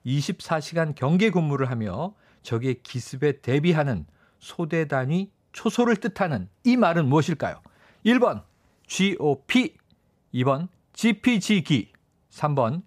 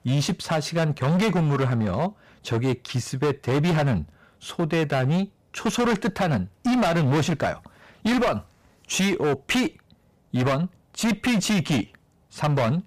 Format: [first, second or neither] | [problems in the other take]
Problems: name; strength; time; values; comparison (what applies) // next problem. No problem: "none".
first | distortion; heavy; 22% of the sound clipped